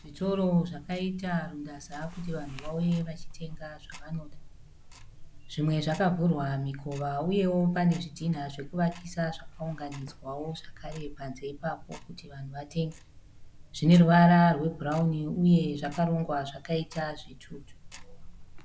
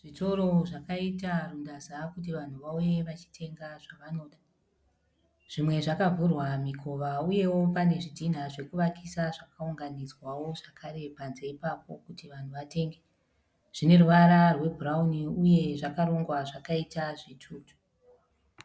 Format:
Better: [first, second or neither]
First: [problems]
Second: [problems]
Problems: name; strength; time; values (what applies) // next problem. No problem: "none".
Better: second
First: noise reduction (neural mask model Resemble Enhance denoiser)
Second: none